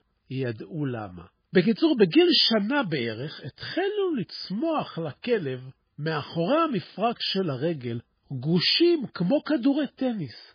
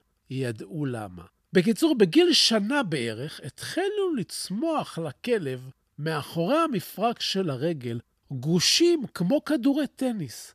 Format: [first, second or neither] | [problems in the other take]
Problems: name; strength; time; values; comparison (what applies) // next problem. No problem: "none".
second | garbled, watery; badly; nothing above 4.5 kHz